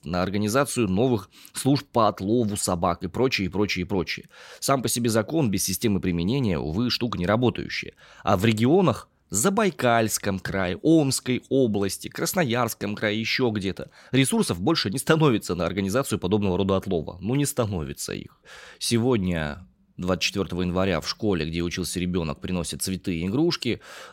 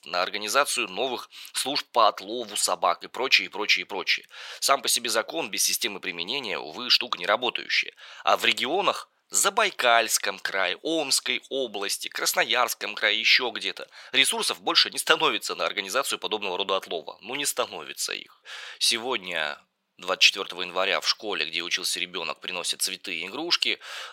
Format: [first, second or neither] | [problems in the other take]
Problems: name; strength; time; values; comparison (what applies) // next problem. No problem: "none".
first | thin; very; fading below 700 Hz